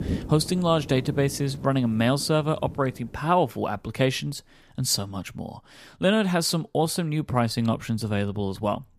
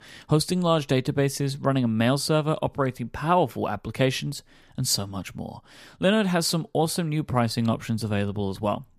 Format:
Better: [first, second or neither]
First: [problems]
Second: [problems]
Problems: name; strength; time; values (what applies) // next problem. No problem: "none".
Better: second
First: rain or running water; noticeable; throughout; 15 dB below the speech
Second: none